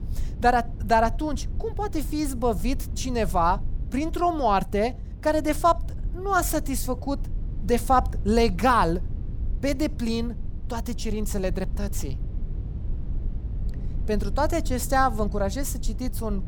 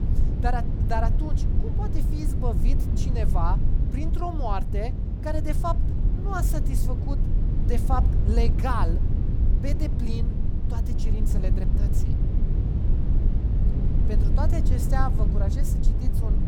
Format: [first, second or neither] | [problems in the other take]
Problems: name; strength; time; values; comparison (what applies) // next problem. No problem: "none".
first | low rumble; loud; throughout; 6 dB below the speech; faint in the first